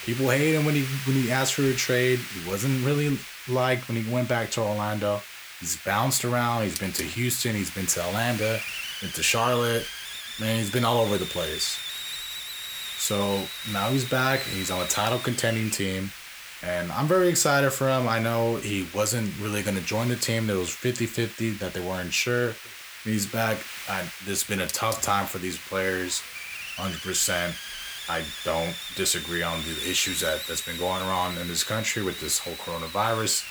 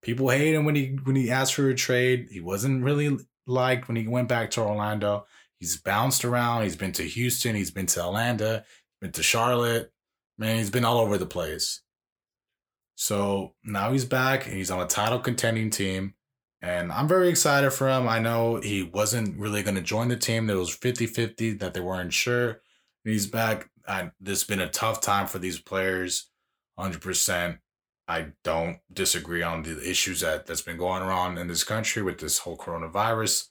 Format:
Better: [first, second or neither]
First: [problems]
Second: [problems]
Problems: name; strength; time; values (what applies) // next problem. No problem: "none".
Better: second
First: hiss; loud; throughout; 8 dB below the speech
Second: none